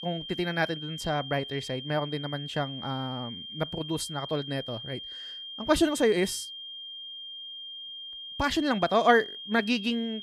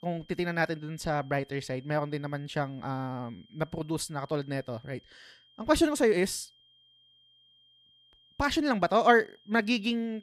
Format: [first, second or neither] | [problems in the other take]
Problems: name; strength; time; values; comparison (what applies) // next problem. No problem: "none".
second | high-pitched whine; loud; throughout; 3 kHz, 9 dB below the speech; faint in the second